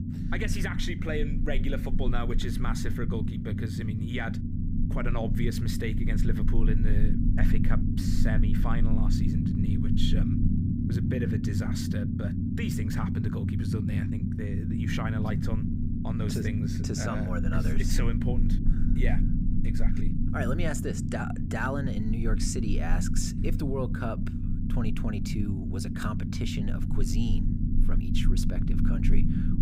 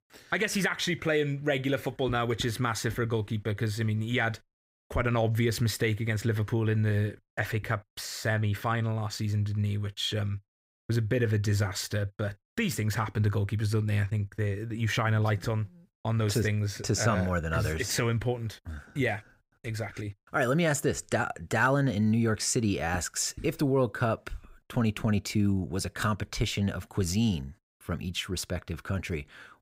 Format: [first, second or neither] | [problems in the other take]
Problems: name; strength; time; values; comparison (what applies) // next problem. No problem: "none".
second | low rumble; loud; throughout; 2 dB below the speech